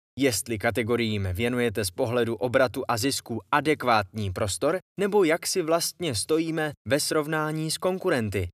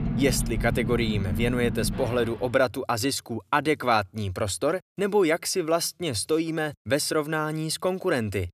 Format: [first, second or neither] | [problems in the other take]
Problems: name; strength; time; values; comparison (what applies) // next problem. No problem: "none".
first | traffic noise; loud; until 2 s; 5 dB below the speech